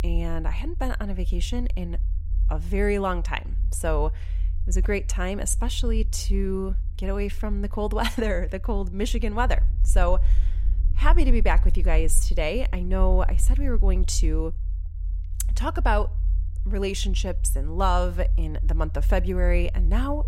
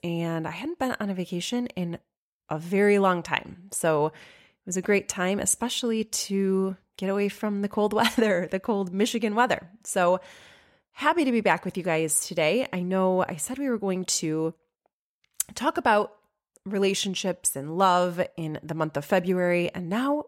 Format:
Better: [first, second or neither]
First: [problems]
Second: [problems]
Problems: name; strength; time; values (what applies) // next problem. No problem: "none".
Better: second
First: low rumble; faint; throughout; 20 dB below the speech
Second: none